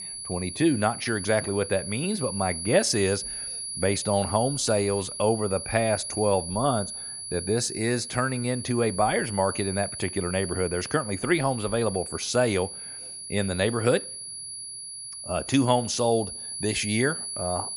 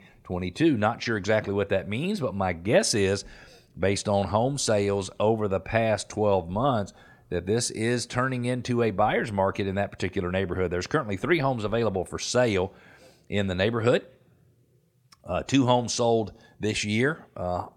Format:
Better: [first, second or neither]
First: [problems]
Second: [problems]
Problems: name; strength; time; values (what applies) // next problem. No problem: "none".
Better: second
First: high-pitched whine; loud; throughout; 10.5 kHz, 7 dB below the speech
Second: none